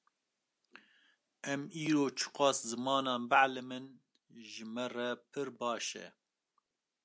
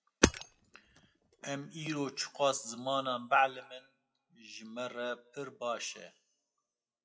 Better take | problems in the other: first | noise reduction (classical method WPE with log-MMSE)

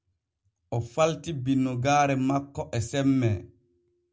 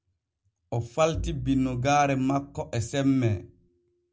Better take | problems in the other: first | background sound (Bowed string instrument); 13 dB below the speech

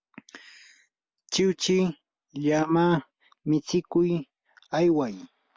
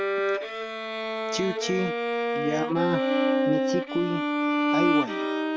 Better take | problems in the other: first | background sound (Bowed string instrument); 5 dB above the speech

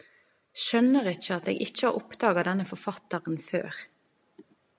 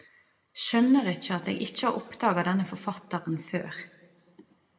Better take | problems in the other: first | room echo; dies away in 1 s

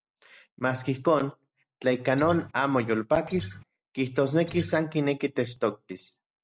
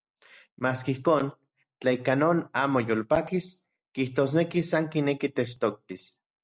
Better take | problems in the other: second | background sound (Acoustic guitar); 12 dB below the speech

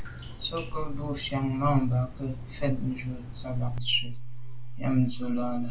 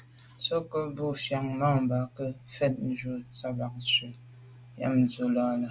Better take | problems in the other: second | background sound (Drip); 3 dB below the speech // room echo; dies away in 0.2 s

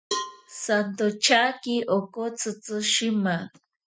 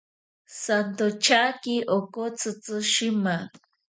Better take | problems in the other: second | noise reduction (classical method Wiener filter)

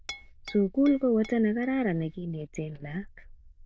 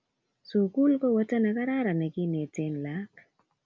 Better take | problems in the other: second | noise reduction (neural diffusion model UNIVERSE++)

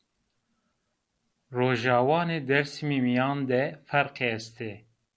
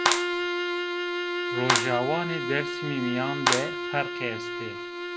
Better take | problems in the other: first | background sound (Bowed string instrument + Clapping); 3 dB above the speech

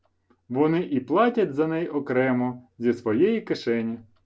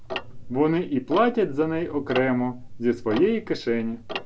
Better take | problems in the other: first | background sound (Tick-tock); 11 dB below the speech

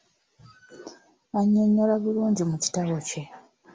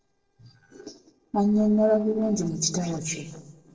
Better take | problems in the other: first | noise reduction (neural separator model SepFormer DNS4)

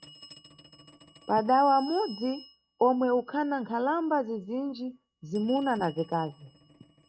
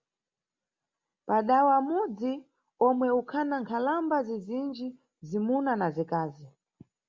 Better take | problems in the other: second | noise reduction (neural mask model RNNoise)

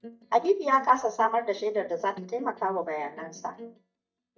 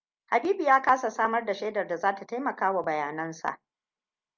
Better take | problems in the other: second | noise reduction (neural mask model DeepFilterNet 3)

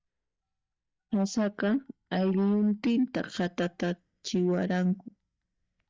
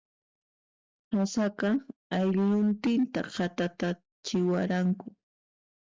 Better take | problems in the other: second | noise reduction (neural mask model DeepFilterNet 3)

